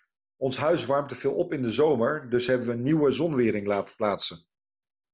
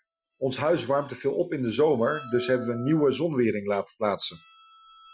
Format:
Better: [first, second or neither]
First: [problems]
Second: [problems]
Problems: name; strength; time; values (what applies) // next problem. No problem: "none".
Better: first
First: none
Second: noise reduction (classical method Wiener filter)